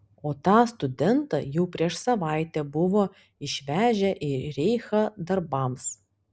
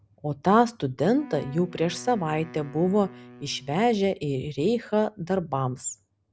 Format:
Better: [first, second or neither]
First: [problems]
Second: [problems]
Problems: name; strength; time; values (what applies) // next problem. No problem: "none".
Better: first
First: none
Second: background sound (Wind instrument, woodwind instrument); 19 dB below the speech